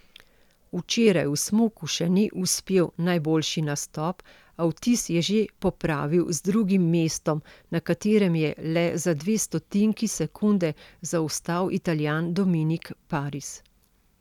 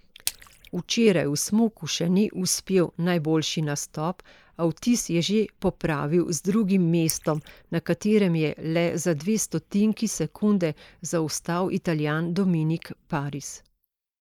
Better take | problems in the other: first | noise reduction (neural mask model Resemble Enhance denoiser)

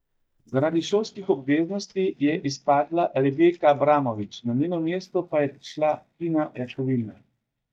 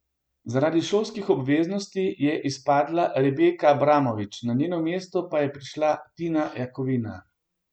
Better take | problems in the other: second | noise reduction (neural mask model DeepFilterNet 3)

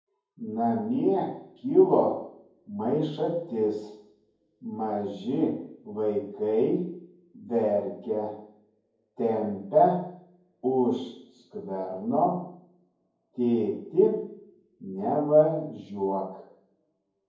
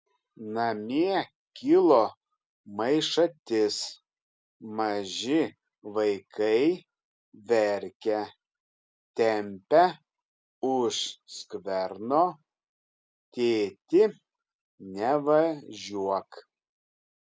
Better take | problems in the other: second | room echo; dies away in 0.9 s

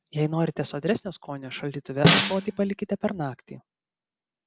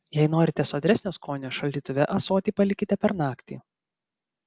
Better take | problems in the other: second | background sound (Snare drum); 5 dB above the speech

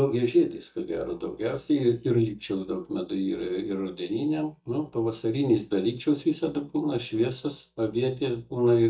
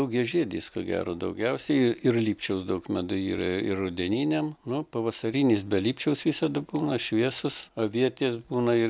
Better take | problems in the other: second | noise reduction (neural mask model DeepFilterNet 3)

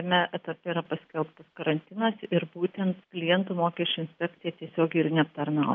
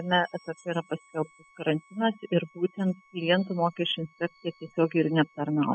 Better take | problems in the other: first | noise reduction (classical method spectral subtraction)

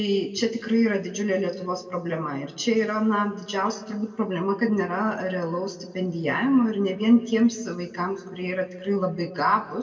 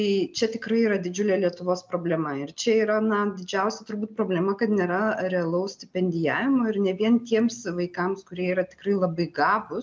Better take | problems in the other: second | room echo; dies away in 1.4 s

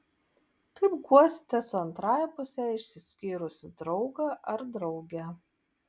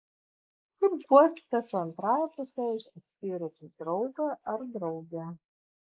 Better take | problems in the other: first | noise reduction (neural mask model Resemble Enhance denoiser)

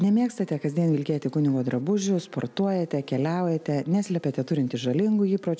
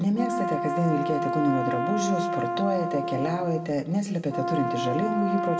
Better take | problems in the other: first | background sound (Brass instrument); 2 dB below the speech // room echo; dies away in 0.6 s

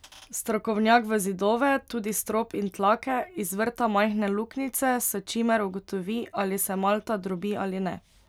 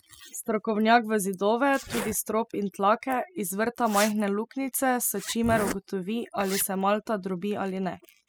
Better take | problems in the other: first | noise reduction (classical method spectral subtraction)

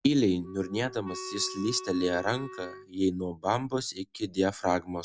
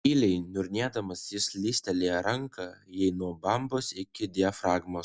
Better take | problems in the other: second | background sound (Wind instrument, woodwind instrument); 14 dB below the speech

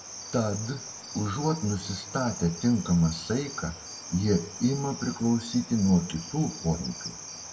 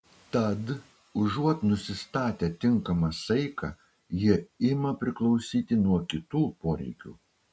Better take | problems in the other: second | background sound (Cricket); 13 dB below the speech // room echo; dies away in 0.9 s

